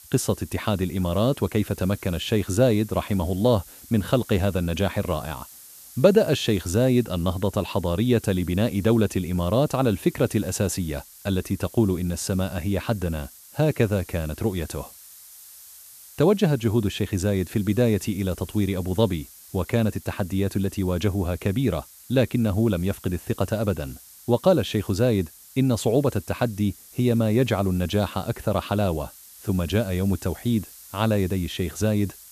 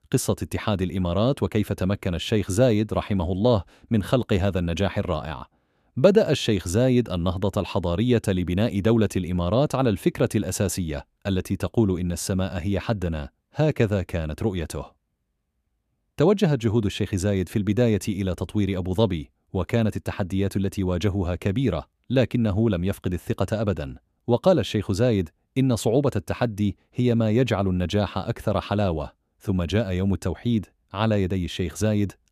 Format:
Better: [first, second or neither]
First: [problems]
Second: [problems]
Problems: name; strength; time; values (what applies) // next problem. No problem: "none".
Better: second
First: hiss; noticeable; throughout; 20 dB below the speech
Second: none